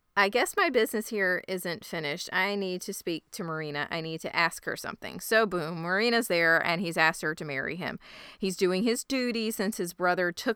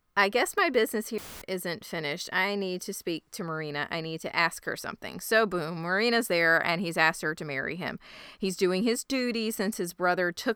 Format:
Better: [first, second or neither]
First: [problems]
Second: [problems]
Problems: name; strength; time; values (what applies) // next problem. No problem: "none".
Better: first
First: none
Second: audio cutting out; filled with static; at 1 s